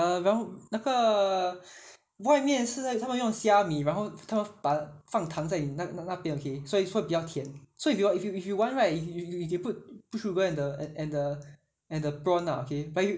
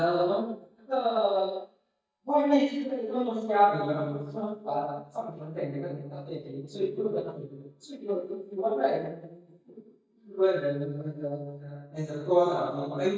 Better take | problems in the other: first | noise reduction (neural mask model DeepFilterNet 3)

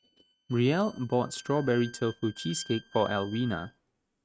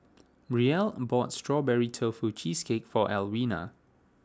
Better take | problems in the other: second | noise reduction (neural mask model RNNoise)

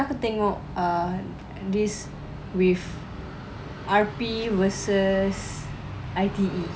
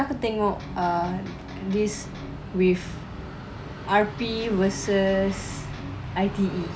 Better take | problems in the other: first | background sound (Electric guitar); 16 dB below the speech

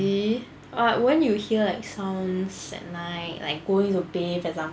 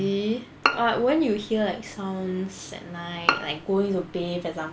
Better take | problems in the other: first | background sound (Bowed string instrument); 4 dB below the speech

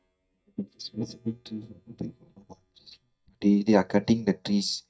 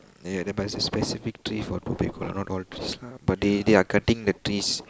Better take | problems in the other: second | noise reduction (neural mask model DeepFilterNet 3)

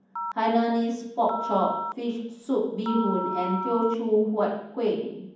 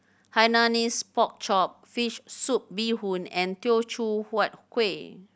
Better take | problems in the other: second | background sound (Telephone); 7 dB below the speech // room echo; dies away in 1.2 s

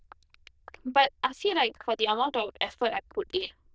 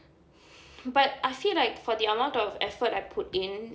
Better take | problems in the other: second | noise reduction (neural diffusion model UNIVERSE++)

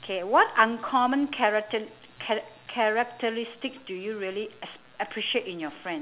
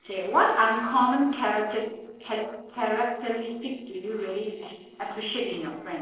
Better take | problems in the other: first | noise reduction (neural separator model SepFormer DNS4)

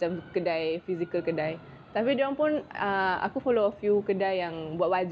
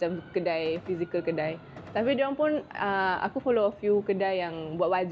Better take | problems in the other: first | background sound (Gunshot, gunfire); 18 dB below the speech

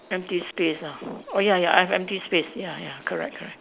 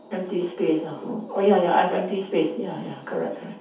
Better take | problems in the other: first | room echo; dies away in 0.5 s

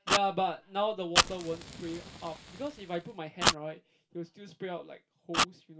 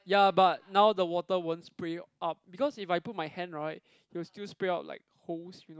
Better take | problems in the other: second | background sound (Fire); 2 dB above the speech // room echo; dies away in 0.2 s

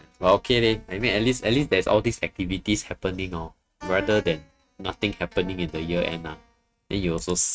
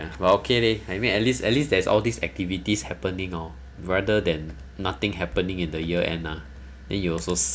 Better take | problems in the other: second | noise reduction (neural mask model RNNoise)

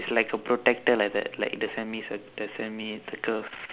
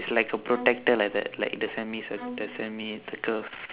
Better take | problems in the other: first | background sound (Bowed string instrument); 14 dB below the speech

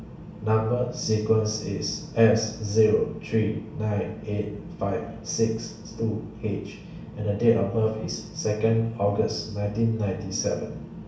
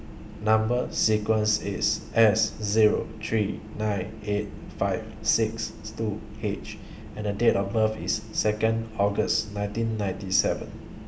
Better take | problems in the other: second | room echo; dies away in 0.6 s

